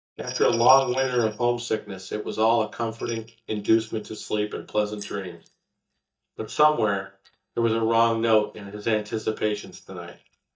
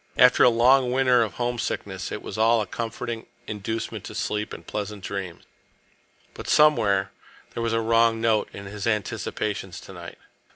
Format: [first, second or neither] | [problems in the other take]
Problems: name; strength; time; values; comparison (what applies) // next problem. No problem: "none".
second | noise reduction (neural mask model DeepFilterNet 3)